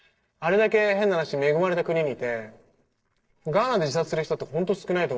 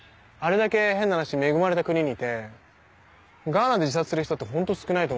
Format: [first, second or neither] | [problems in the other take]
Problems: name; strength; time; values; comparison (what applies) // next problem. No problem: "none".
second | noise reduction (neural separator model SepFormer DNS4)